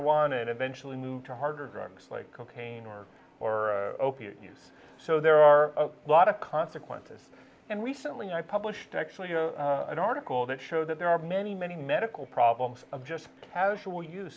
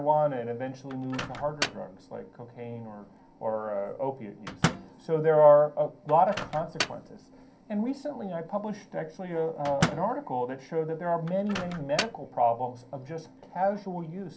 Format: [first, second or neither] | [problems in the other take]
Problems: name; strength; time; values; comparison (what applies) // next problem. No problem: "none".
first | background sound (Microwave oven); 10 dB below the speech // room echo; dies away in 0.3 s